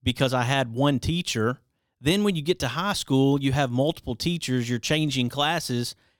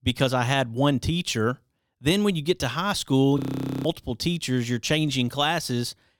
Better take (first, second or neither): first